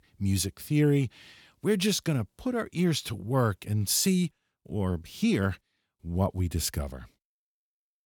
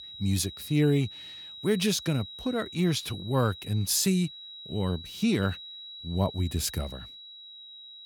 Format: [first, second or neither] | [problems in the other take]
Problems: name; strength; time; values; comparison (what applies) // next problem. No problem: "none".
first | high-pitched whine; noticeable; throughout; 4 kHz, 15 dB below the speech